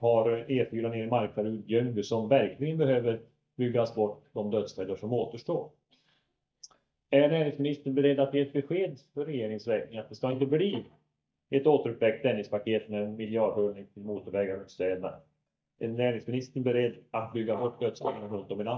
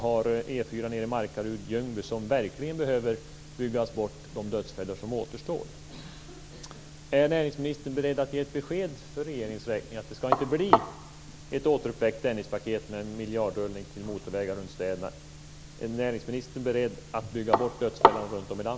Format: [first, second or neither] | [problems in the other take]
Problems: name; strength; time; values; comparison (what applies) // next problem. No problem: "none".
second | noise reduction (neural mask model DeepFilterNet 3)